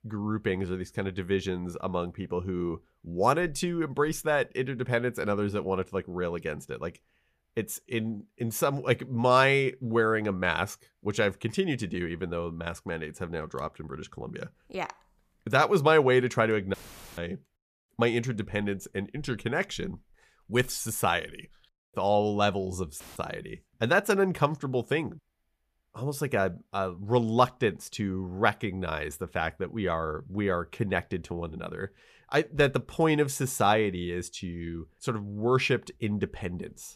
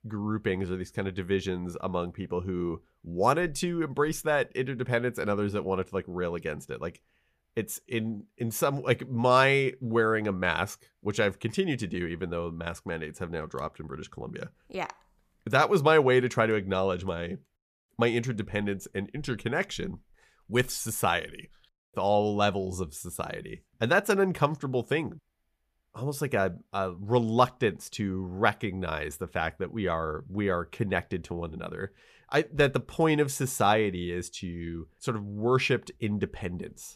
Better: second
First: audio cutting out; filled with static; at 17 s and at 23 s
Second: none

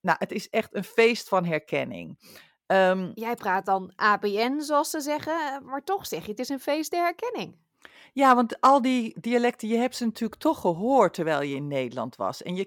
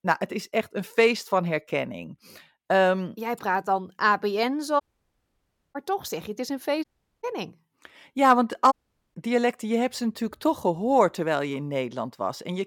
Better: first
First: none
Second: audio cutting out; at 5 s for 1 s, at 7 s and at 8.5 s

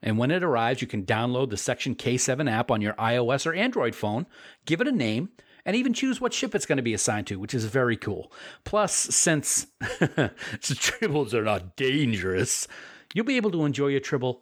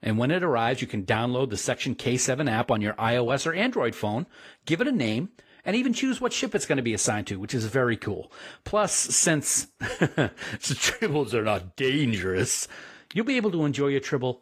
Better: first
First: none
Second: garbled, watery; slightly; nothing above 14.5 kHz

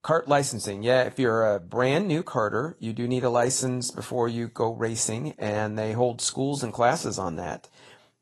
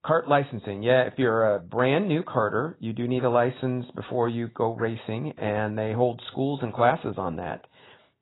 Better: first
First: garbled, watery; slightly; nothing above 11 kHz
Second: garbled, watery; badly; nothing above 4 kHz

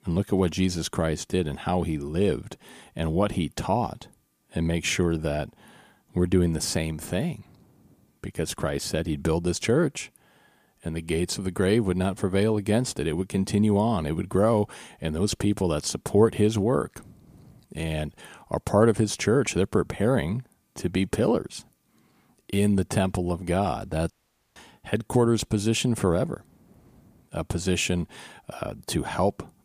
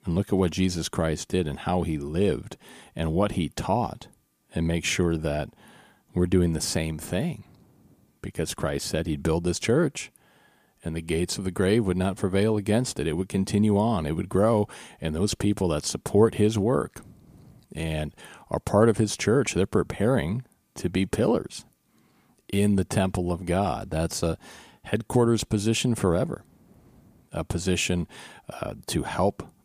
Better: second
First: audio cutting out; at 24 s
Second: none

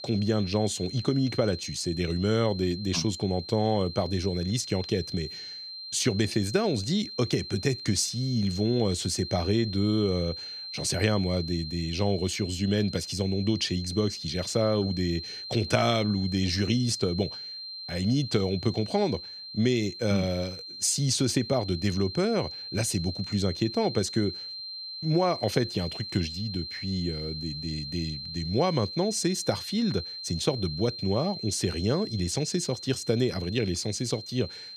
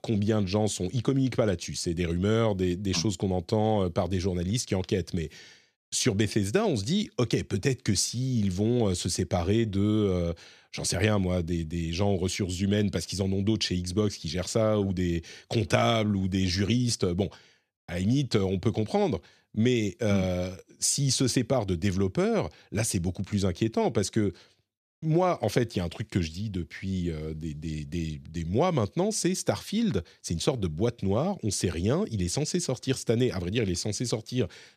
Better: second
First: high-pitched whine; loud; throughout; 4 kHz, 9 dB below the speech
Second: none

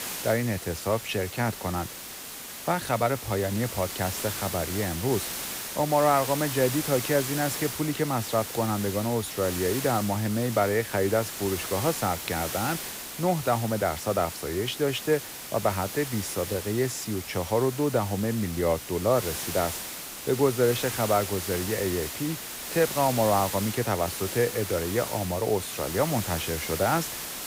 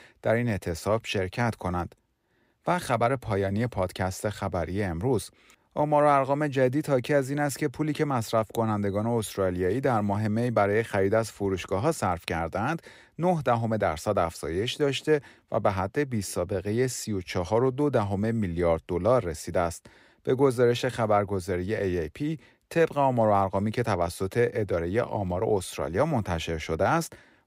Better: second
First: hiss; loud; throughout; 6 dB below the speech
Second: none

